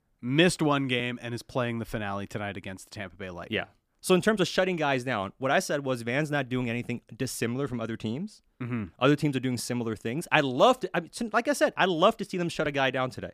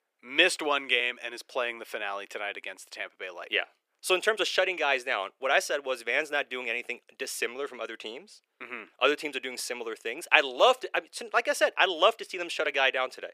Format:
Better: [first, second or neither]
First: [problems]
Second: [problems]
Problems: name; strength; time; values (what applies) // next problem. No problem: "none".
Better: first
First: none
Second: thin; very; fading below 450 Hz